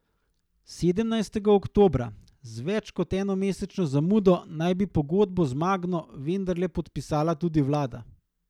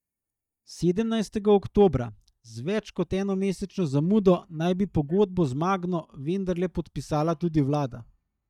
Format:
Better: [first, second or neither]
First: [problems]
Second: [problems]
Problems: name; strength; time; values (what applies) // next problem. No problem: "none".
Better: first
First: none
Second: noise reduction (neural mask model DeepFilterNet 3)